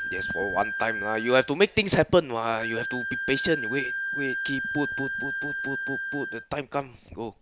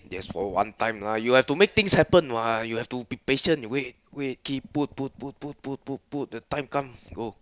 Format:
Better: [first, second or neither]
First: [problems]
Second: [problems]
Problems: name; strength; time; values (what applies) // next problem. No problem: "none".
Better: second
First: background sound (Wind instrument, woodwind instrument); 5 dB below the speech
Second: none